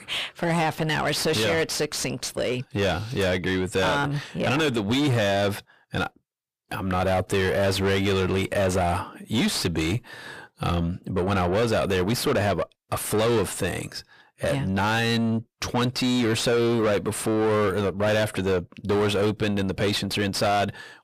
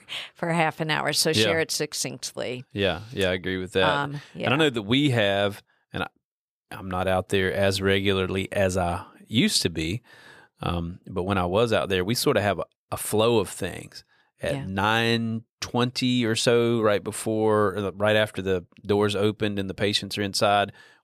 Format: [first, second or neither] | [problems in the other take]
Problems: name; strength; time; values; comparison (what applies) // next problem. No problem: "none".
second | distortion; heavy; 6 dB below the speech